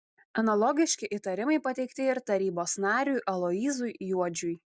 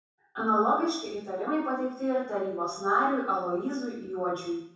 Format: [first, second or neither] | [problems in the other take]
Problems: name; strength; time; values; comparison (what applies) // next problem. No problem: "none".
first | room echo; dies away in 0.7 s